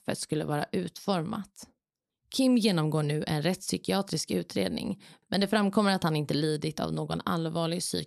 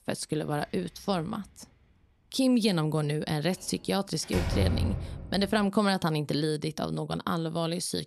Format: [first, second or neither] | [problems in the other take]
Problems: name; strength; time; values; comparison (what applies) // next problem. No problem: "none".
first | door banging; loud; from 4.5 to 5.5 s; peak level with the speech